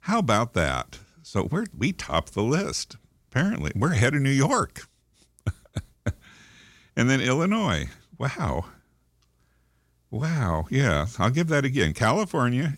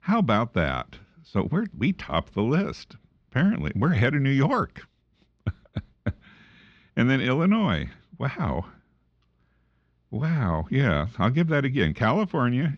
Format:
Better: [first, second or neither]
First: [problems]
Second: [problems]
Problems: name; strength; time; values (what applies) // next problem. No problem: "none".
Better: first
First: none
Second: muffled; slightly; fading above 3.5 kHz